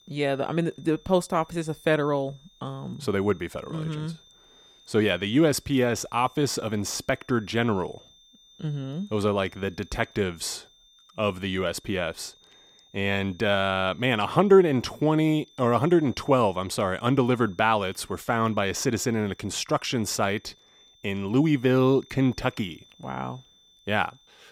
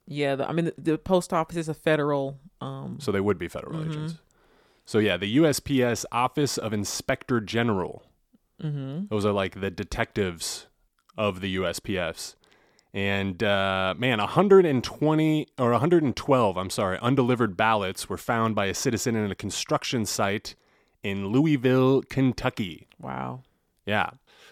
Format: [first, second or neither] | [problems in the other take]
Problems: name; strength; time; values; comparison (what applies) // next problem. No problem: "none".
second | high-pitched whine; faint; throughout; 3.5 kHz, 30 dB below the speech